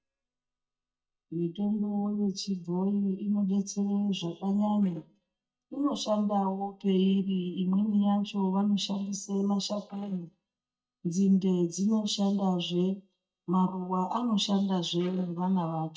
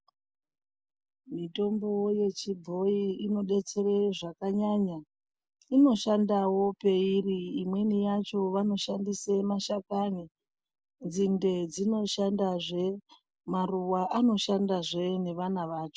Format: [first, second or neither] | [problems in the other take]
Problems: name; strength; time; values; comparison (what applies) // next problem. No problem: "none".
second | noise reduction (neural mask model DeepFilterNet 3)